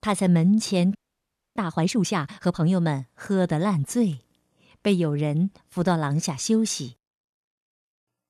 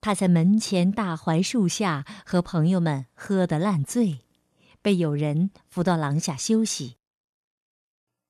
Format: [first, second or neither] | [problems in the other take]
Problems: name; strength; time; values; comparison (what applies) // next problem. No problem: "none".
second | audio freezing; at 1 s for 0.5 s